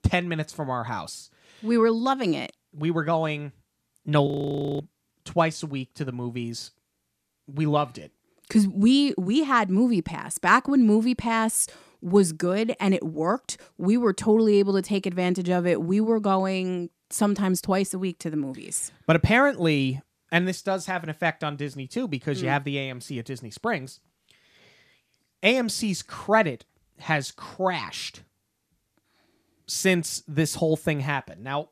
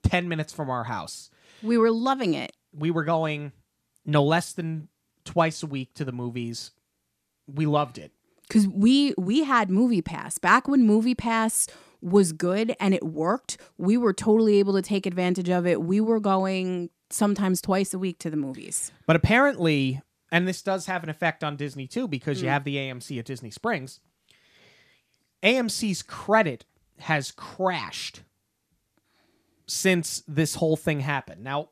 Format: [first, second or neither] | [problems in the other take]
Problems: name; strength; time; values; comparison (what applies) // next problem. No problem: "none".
second | audio freezing; at 4.5 s for 0.5 s